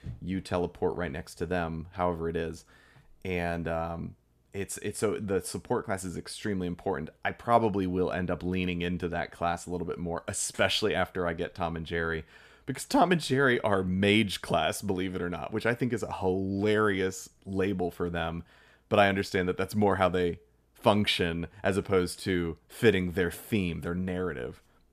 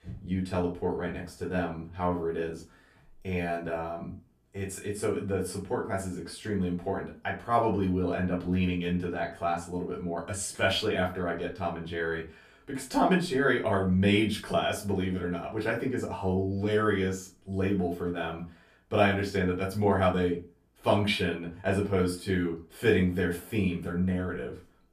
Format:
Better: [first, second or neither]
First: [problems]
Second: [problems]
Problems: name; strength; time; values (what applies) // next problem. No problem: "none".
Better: first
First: none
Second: off-mic speech; far // room echo; very slight; dies away in 0.3 s